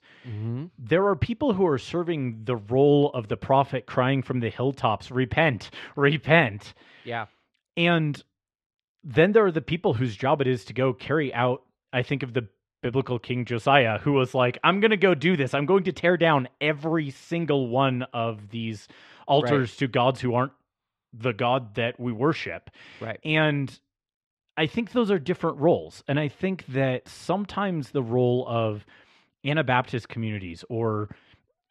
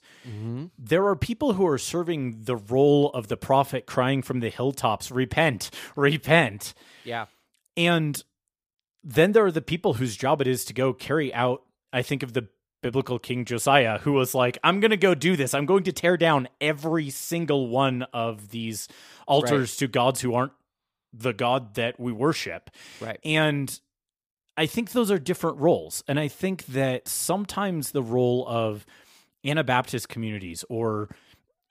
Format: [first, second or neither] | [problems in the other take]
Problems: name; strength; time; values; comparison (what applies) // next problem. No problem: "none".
second | muffled; slightly; fading above 2.5 kHz